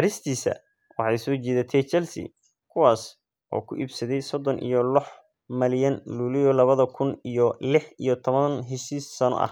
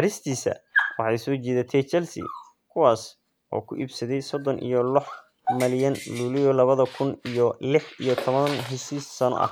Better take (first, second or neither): first